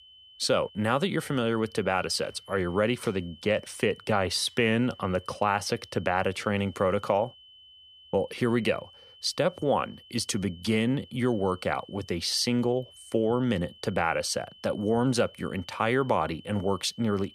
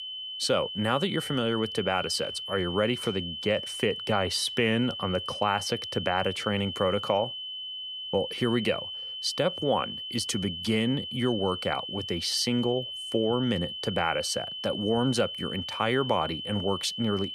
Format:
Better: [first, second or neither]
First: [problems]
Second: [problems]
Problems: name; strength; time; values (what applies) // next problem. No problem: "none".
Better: first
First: high-pitched whine; faint; throughout; 3 kHz, 25 dB below the speech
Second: high-pitched whine; loud; throughout; 3 kHz, 6 dB below the speech